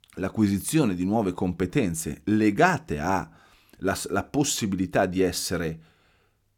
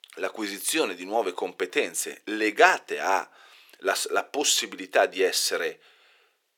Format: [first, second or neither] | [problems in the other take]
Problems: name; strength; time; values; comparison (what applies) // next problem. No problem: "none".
first | thin; very; fading below 450 Hz